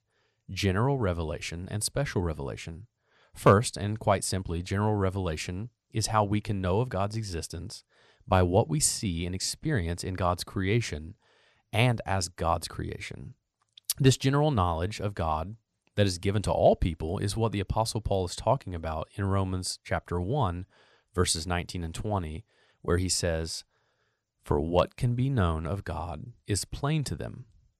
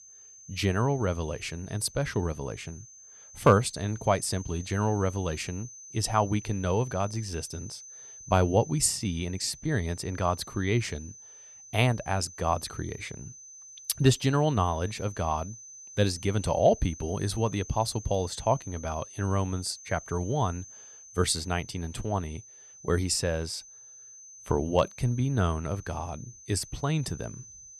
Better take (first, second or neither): first